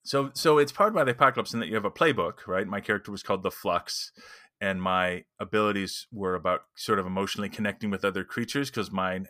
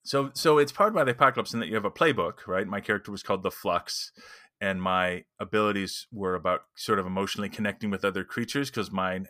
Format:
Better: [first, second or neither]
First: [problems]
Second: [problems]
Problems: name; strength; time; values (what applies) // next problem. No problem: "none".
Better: neither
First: none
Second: none